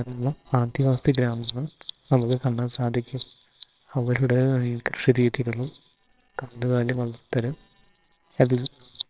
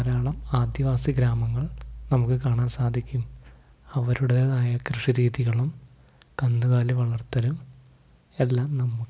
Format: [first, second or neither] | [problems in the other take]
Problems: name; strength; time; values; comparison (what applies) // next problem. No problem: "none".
second | noise reduction (neural separator model SepFormer WHAMR!)